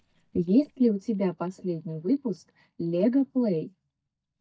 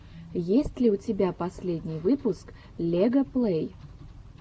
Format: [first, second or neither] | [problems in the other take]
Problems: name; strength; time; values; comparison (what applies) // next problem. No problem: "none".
second | noise reduction (neural mask model DeepFilterNet 3)